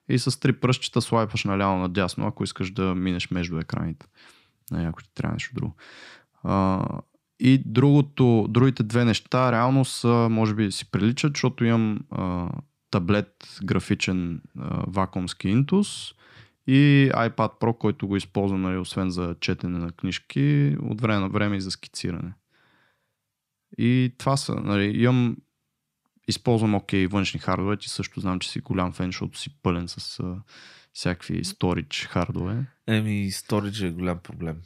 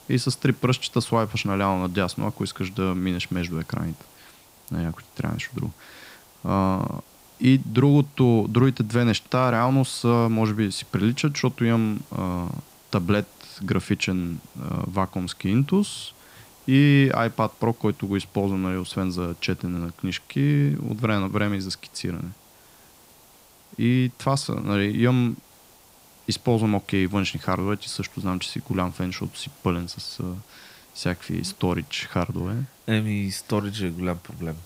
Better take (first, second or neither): first